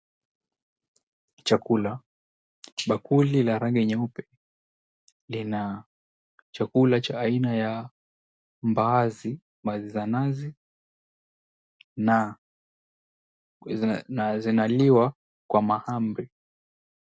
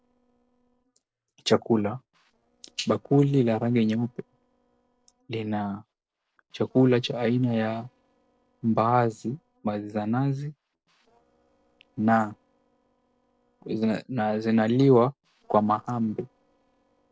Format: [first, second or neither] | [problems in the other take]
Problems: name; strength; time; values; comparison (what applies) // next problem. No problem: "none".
first | noise reduction (neural separator model SepFormer DNS4)